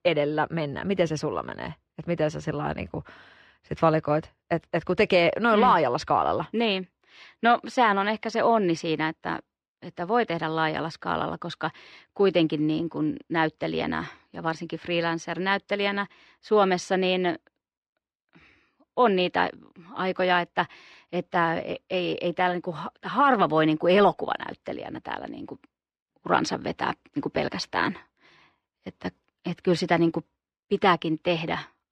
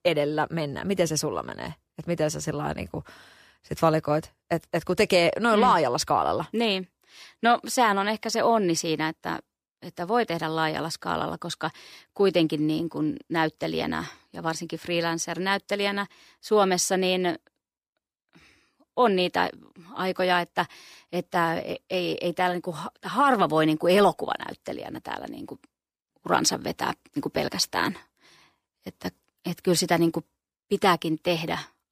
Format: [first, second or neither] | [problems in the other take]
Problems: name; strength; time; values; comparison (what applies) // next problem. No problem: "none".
second | muffled; slightly; fading above 3 kHz